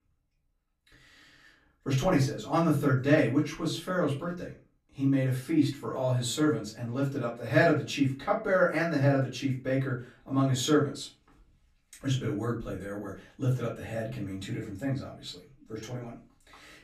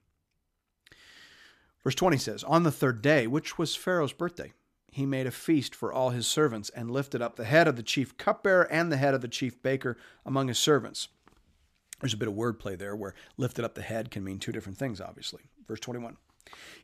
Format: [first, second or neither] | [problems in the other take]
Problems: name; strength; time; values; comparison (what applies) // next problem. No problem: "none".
second | off-mic speech; far // room echo; slight; dies away in 0.3 s